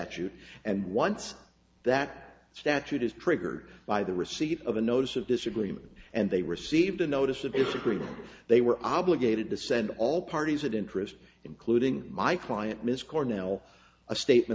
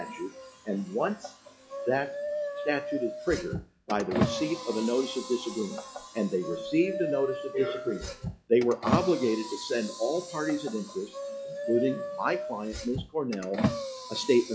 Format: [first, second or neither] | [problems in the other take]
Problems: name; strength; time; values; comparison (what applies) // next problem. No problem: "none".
first | noise reduction (classical method log-MMSE)